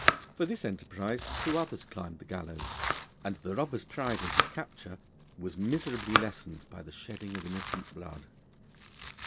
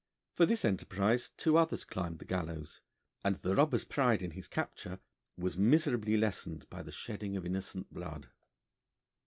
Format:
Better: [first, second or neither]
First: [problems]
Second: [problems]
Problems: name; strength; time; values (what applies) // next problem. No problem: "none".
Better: second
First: background sound (Domestic sounds, home sounds); as loud as the speech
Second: none